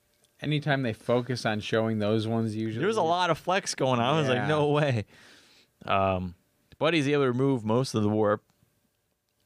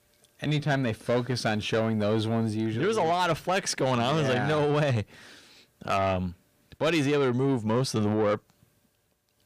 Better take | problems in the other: first | distortion; slight; 10 dB below the speech

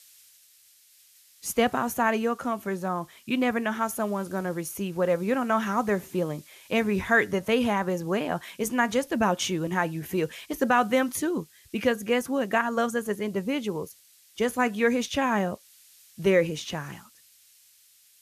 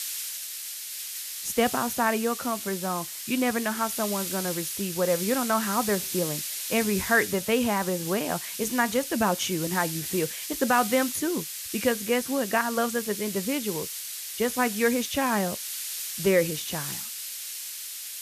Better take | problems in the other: first | hiss; loud; throughout; 5 dB below the speech; faint in the first

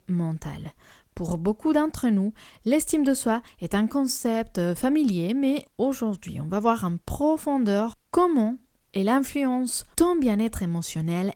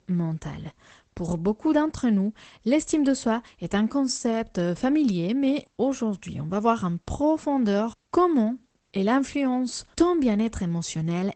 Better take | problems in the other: first | garbled, watery; badly; nothing above 8 kHz; slightly in the first

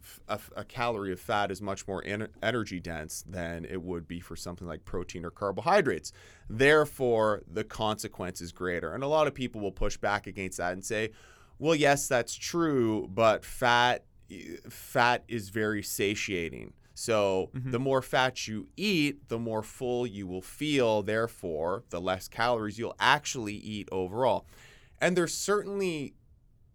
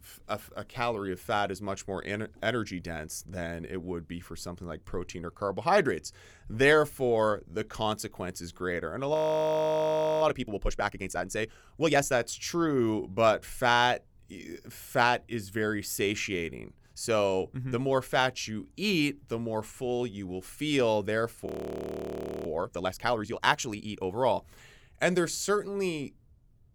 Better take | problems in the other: first | audio freezing; at 9 s for 1 s and at 21 s for 1 s

